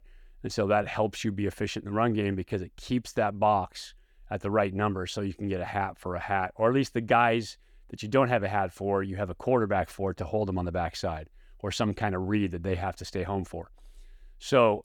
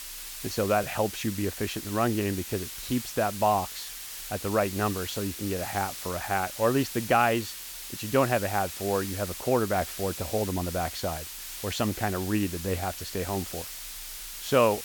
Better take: first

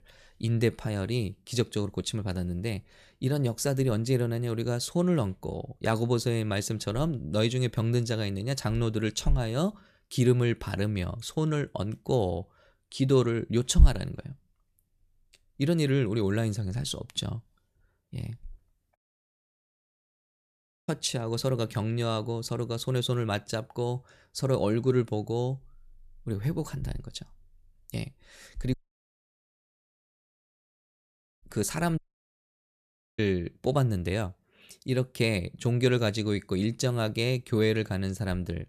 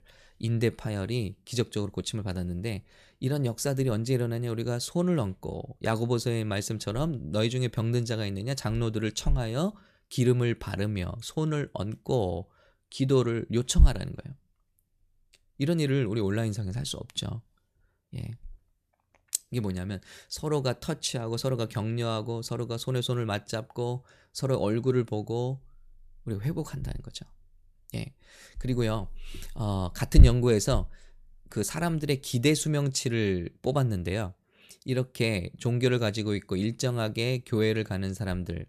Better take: second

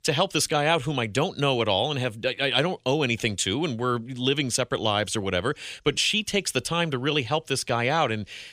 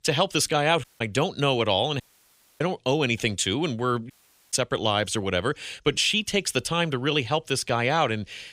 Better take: first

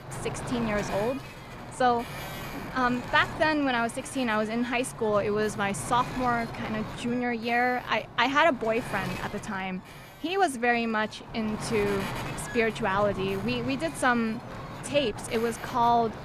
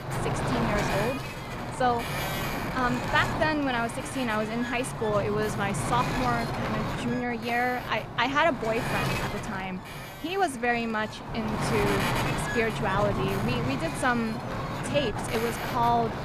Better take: first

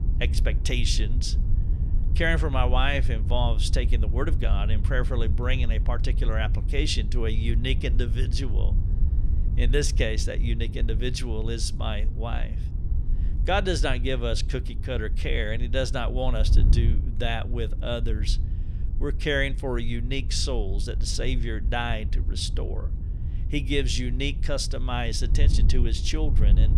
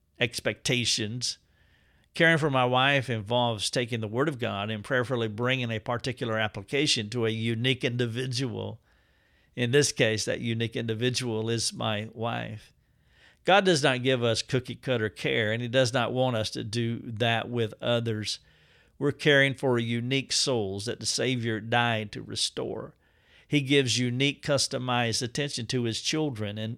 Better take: second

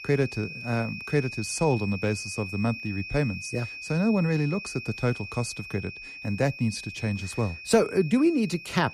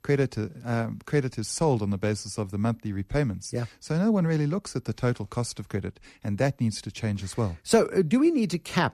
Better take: second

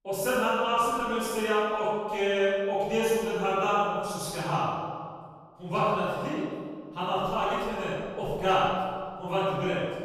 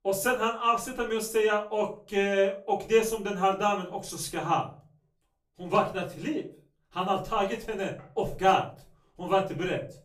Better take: second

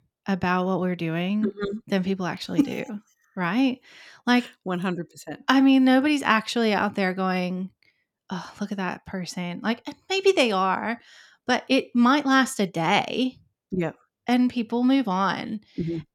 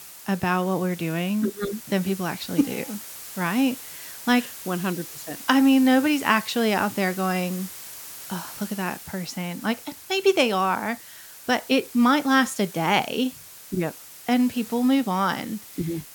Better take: first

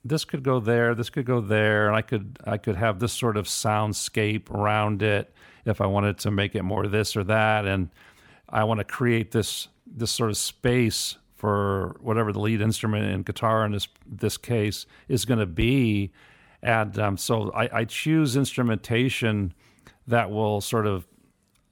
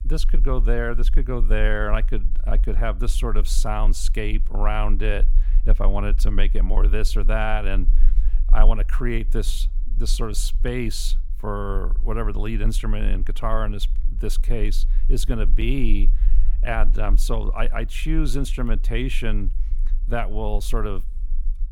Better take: first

